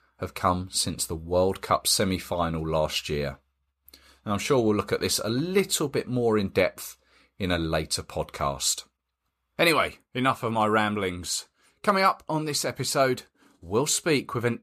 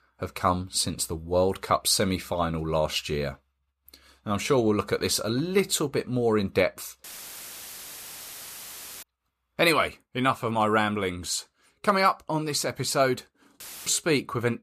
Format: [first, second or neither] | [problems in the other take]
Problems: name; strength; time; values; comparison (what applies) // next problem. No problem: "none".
first | audio cutting out; filled with static; at 7 s for 2 s and at 14 s